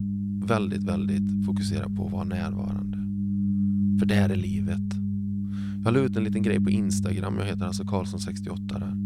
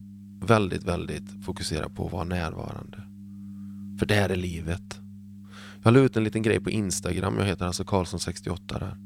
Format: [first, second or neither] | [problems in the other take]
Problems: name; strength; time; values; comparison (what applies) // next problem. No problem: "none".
second | low rumble; loud; throughout; 2 dB below the speech; faint in the second